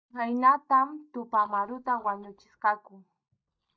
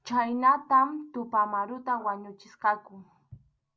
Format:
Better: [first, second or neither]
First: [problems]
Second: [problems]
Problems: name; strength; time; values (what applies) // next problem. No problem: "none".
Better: second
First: noise reduction (neural mask model DeepFilterNet 3)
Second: none